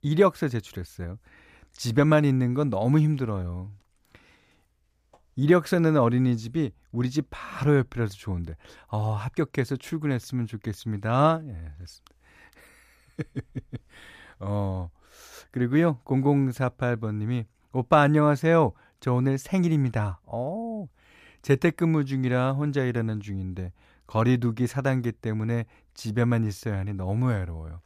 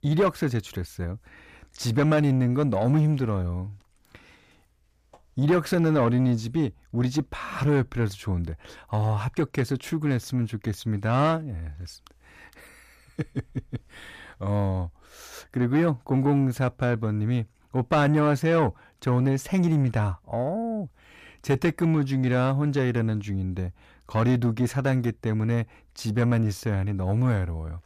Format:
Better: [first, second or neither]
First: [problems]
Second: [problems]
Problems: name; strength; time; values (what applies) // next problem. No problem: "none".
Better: first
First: none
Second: distortion; slight; 10 dB below the speech